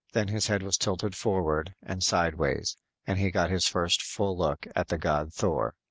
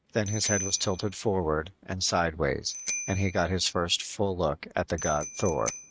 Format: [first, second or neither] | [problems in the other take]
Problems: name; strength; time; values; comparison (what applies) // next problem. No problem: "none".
first | noise reduction (neural mask model RNNoise)